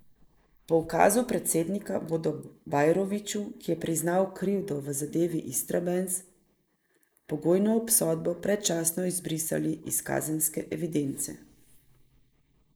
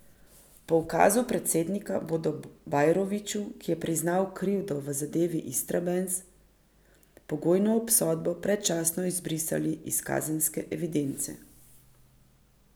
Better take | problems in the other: second | noise reduction (neural mask model Resemble Enhance denoiser)

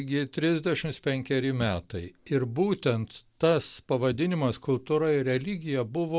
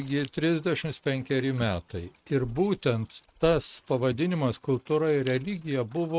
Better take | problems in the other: first | noise reduction (neural mask model RNNoise)

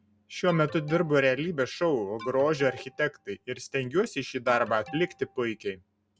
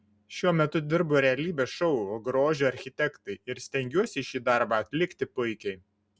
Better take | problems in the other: second | background sound (Alarm); 18 dB below the speech

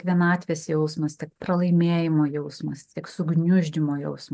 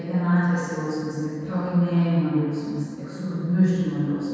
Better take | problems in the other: first | room echo; dies away in 2.1 s

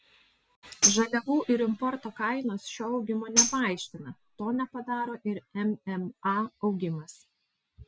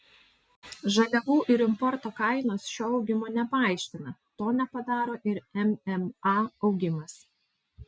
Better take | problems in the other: second | background sound (Tambourine); 1 dB above the speech

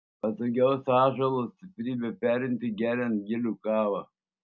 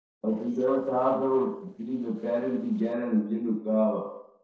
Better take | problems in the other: first | noise reduction (neural separator model SepFormer DNS4)

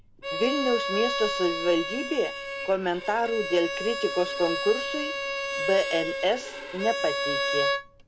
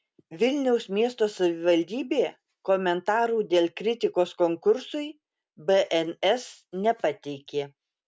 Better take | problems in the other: second | background sound (Bowed string instrument); 3 dB below the speech

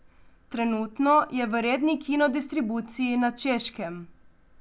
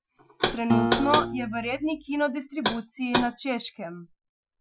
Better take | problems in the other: first | noise reduction (classical method Wiener filter)

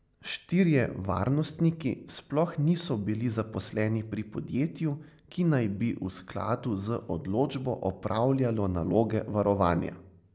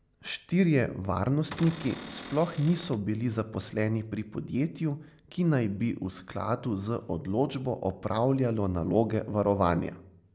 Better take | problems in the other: first | background sound (Cupboard open or close / Door); 14 dB below the speech

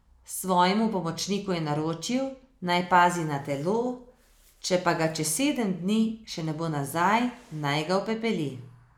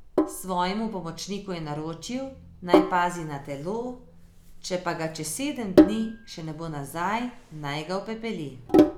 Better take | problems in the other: first | background sound (Sink (filling or washing)); 3 dB above the speech

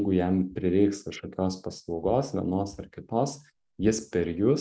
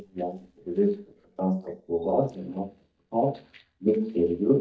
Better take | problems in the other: first | noise reduction (neural mask model DeepFilterNet 3)

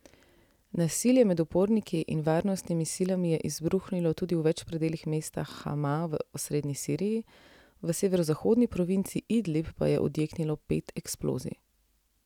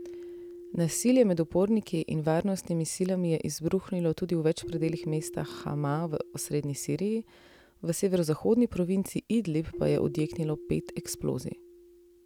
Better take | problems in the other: first | background sound (Keyboard (musical)); 17 dB below the speech

